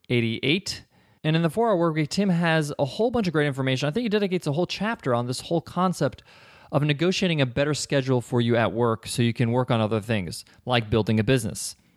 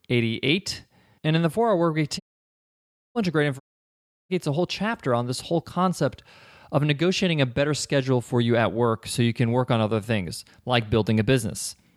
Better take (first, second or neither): first